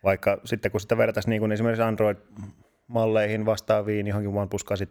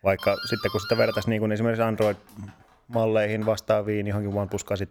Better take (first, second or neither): first